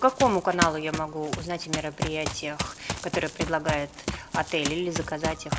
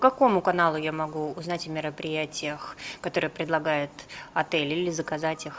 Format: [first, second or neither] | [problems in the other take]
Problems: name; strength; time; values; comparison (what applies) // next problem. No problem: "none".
second | background sound (Run); 5 dB below the speech